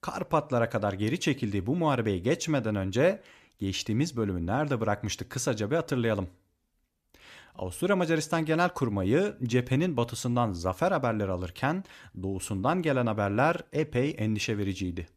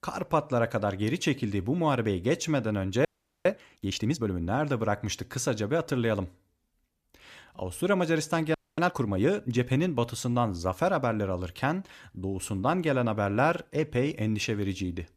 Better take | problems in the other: first | audio freezing; at 3 s and at 8.5 s

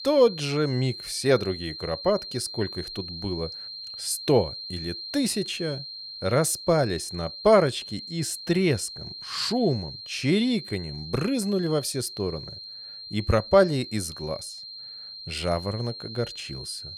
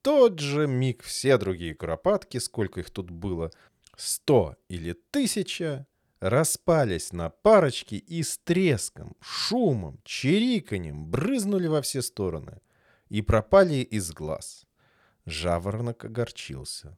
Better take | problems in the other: second | high-pitched whine; noticeable; throughout; 4 kHz, 10 dB below the speech

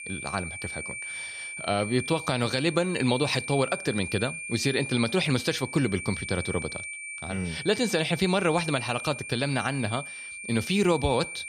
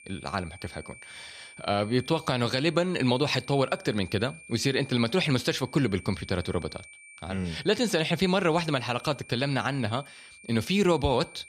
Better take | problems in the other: second | high-pitched whine; loud; throughout; 2.5 kHz, 8 dB below the speech; faint in the second

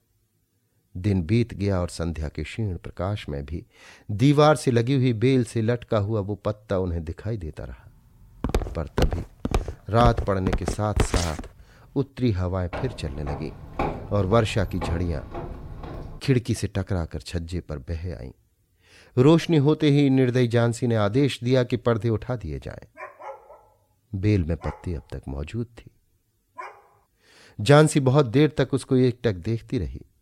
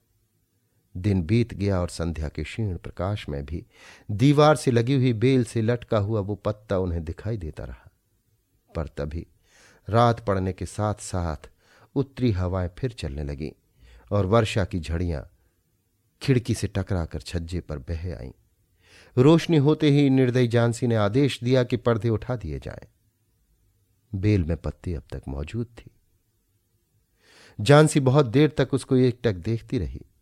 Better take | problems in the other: second | footsteps; noticeable; from 8.5 to 11 s and from 13 to 16 s; peak 1 dB below the speech // dog barking; faint; from 23 to 27 s; peak 15 dB below the speech

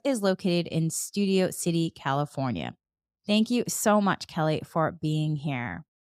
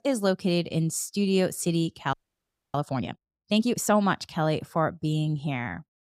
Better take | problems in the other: first | audio freezing; at 2 s for 0.5 s

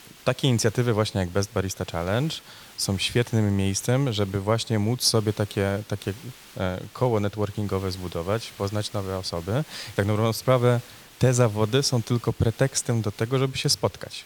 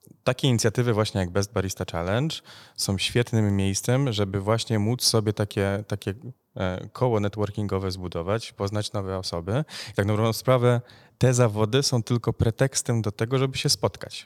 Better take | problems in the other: second | hiss; faint; throughout; 20 dB below the speech

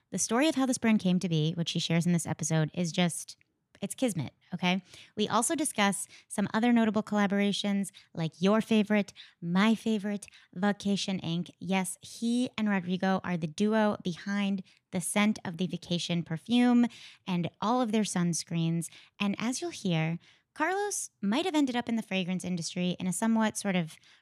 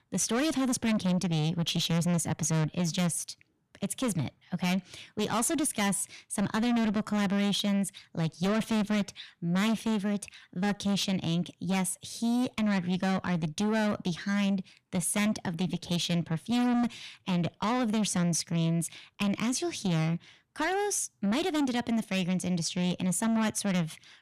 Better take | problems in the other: first | distortion; heavy; 8 dB below the speech

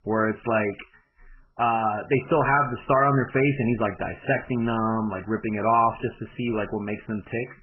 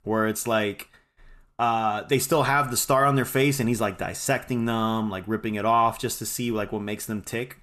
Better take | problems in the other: second | garbled, watery; badly; nothing above 2.5 kHz

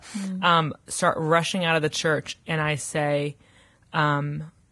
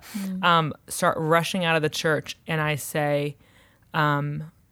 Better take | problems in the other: second | garbled, watery; badly; nothing above 10.5 kHz

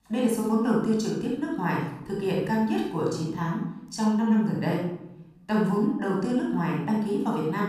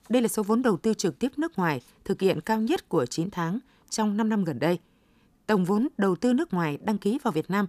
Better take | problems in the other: second | off-mic speech; far // room echo; noticeable; dies away in 0.7 s

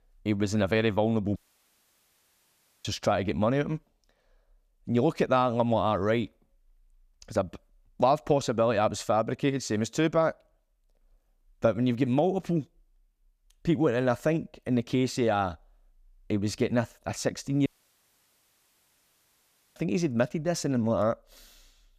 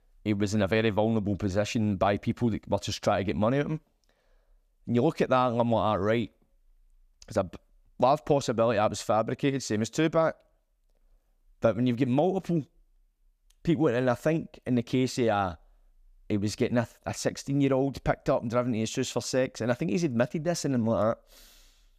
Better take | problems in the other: second | audio cutting out; at 1.5 s for 1.5 s and at 18 s for 2 s

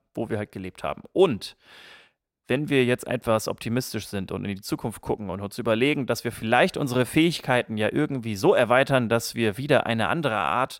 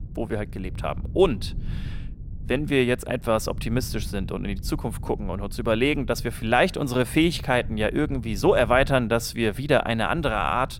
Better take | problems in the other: first | low rumble; faint; throughout; 25 dB below the speech

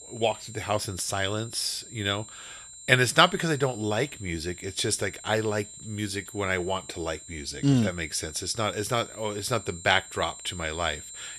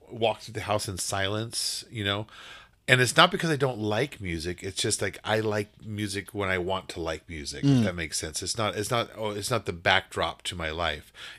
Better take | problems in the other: second | high-pitched whine; noticeable; throughout; 7.5 kHz, 15 dB below the speech

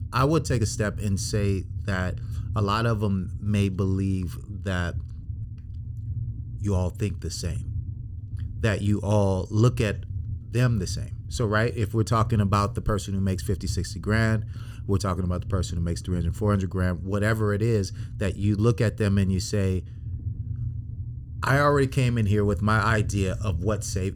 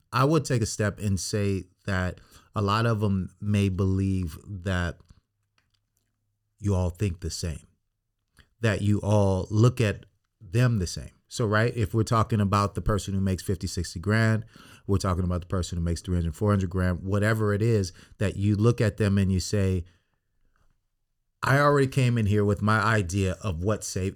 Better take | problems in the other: second | low rumble; faint; throughout; 20 dB below the speech

